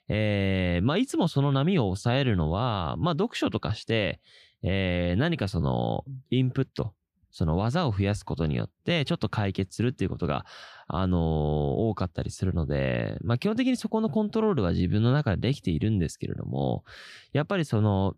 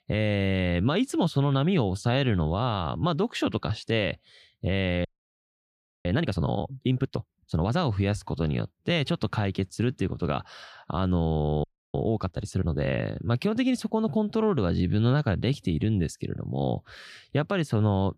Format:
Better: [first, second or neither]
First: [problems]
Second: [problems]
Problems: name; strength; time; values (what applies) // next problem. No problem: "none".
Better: first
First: none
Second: audio freezing; at 5 s for 1 s and at 12 s